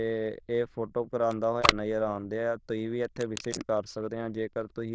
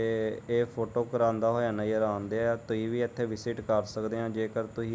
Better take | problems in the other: second | noise reduction (neural diffusion model UNIVERSE++)

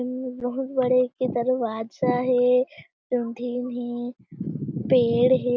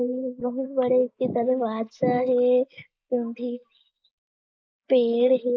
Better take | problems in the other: first | noise reduction (neural mask model Resemble Enhance denoiser)

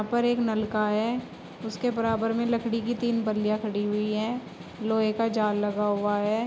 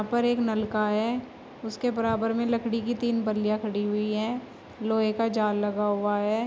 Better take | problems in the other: second | background sound (Snare drum); 19 dB below the speech

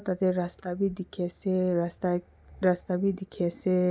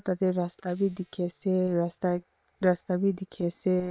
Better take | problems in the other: first | noise reduction (neural separator model SepFormer WHAM!)

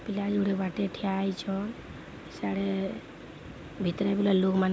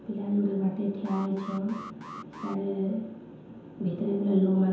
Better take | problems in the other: first | background sound (Alarm); 15 dB below the speech // room echo; dies away in 0.9 s

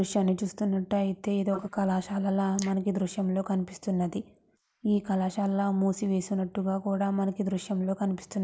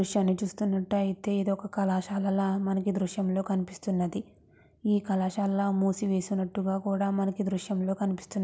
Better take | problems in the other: second | noise reduction (neural mask model Resemble Enhance denoiser)

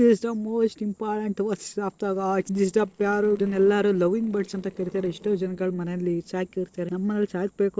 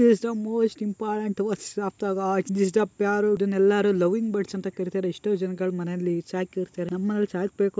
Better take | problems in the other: second | noise reduction (neural separator model SepFormer DNS4)

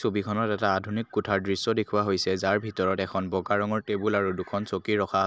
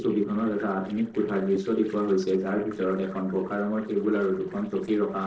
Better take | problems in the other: first | noise reduction (neural separator model SepFormer DNS4)

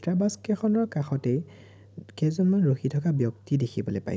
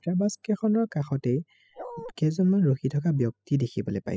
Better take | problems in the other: first | noise reduction (classical method spectral subtraction)

